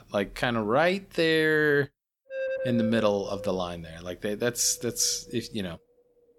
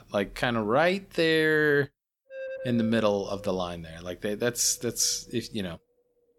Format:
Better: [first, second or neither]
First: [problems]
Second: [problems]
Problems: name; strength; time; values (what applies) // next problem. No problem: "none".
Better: second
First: wind noise on the microphone; heavy; from 2.5 s on; 9 dB below the speech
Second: wind noise on the microphone; occasional gusts; from 2.5 s on; 15 dB below the speech